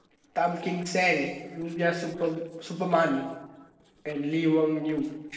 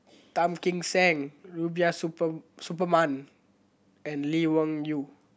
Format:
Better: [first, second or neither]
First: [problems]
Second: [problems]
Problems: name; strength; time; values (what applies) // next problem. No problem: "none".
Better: second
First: noise reduction (neural separator model SepFormer DNS4)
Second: none